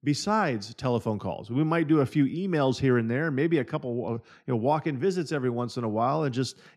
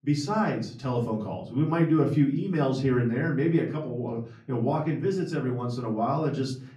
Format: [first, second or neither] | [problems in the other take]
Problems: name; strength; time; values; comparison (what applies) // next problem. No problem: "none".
first | room echo; slight; dies away in 0.4 s // off-mic speech; far